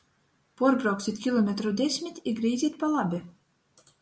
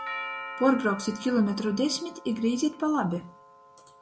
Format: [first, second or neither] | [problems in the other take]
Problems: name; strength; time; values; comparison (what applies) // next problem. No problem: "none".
first | background sound (Doorbell); 13 dB below the speech